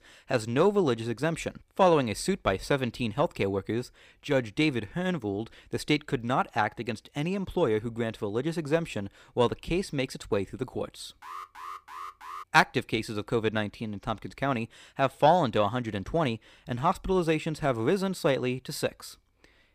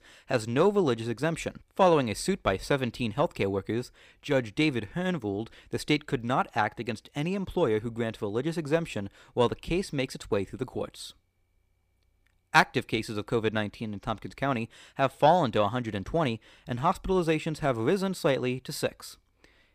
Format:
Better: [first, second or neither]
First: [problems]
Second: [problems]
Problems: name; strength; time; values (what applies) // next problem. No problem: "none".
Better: second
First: alarm; faint; from 11 to 12 s; peak 10 dB below the speech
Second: none